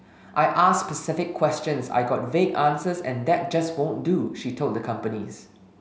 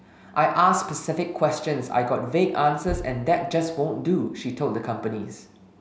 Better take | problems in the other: first | background sound (Knock / Wood); 15 dB below the speech

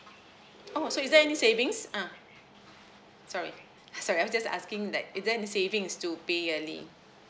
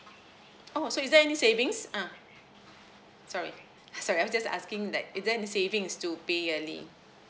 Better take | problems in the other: second | background sound (Animal); 14 dB below the speech

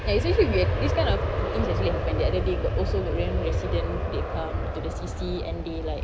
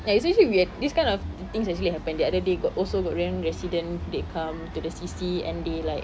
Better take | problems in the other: second | background sound (Aircraft); 3 dB above the speech

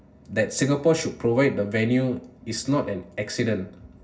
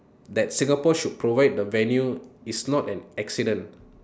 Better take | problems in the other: second | room echo; dies away in 0.4 s

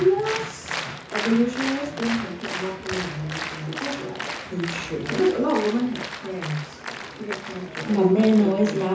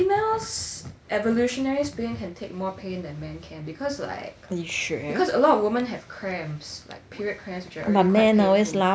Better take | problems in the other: second | background sound (Applause); 9 dB below the speech // room echo; dies away in 0.6 s

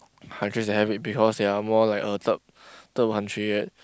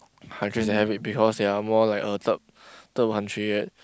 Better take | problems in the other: first | background sound (Bowed string instrument); 13 dB below the speech

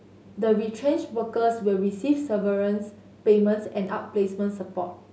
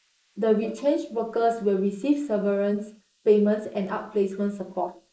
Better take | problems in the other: first | noise reduction (neural mask model Resemble Enhance denoiser)

